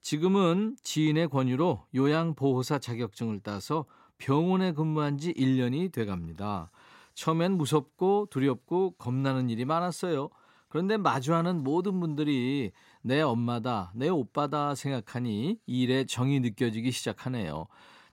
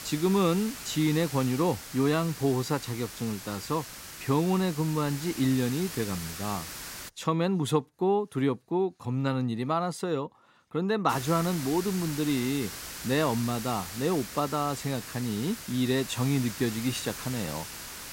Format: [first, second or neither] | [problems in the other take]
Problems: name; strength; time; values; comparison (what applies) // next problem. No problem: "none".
first | hiss; loud; until 7 s and from 11 s on; 10 dB below the speech